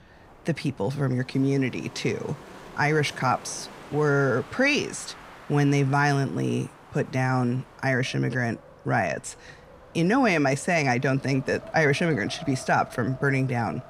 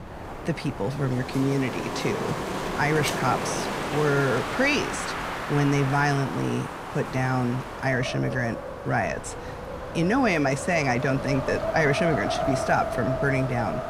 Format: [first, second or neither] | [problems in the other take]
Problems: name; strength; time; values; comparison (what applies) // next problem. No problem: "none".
first | wind in the background; loud; throughout; 5 dB below the speech; faint in the first